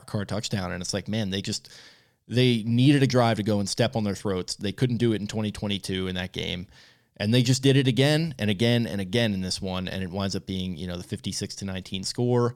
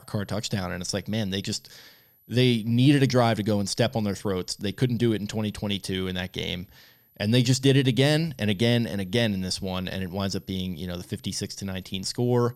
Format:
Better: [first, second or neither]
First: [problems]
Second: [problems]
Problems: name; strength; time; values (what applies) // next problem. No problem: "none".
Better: first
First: none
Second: high-pitched whine; faint; throughout; 12 kHz, 35 dB below the speech